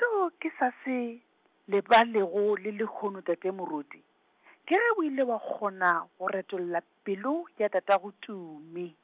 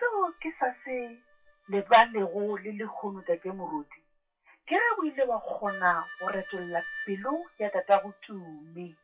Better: first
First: none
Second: noise reduction (classical method WPE with log-MMSE)

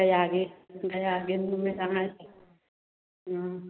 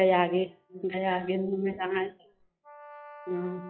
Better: first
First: none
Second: noise reduction (classical method log-MMSE)

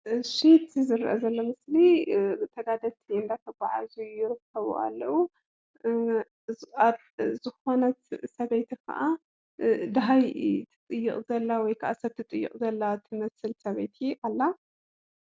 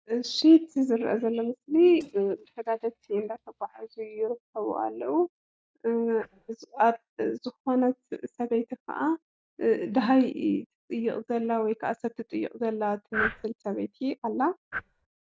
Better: first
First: none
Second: noise reduction (neural mask model DeepFilterNet 3)

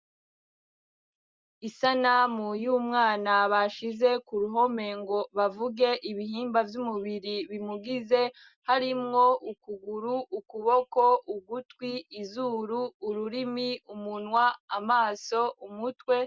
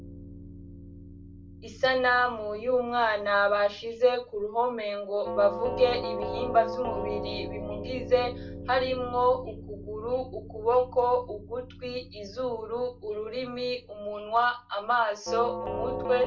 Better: first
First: none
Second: background sound (Doorbell); 10 dB below the speech // room echo; dies away in 0.2 s

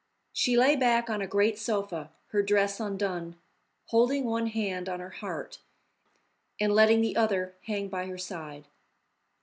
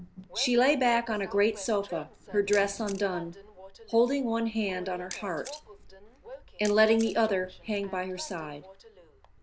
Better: first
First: none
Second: background sound (Train + Camera); 17 dB below the speech

